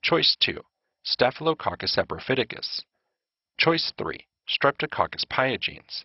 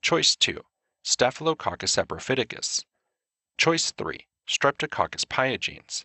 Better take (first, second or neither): second